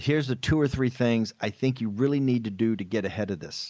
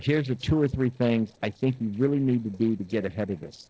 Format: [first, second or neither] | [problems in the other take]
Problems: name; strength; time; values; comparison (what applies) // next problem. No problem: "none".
first | noise reduction (neural separator model SepFormer DNS4)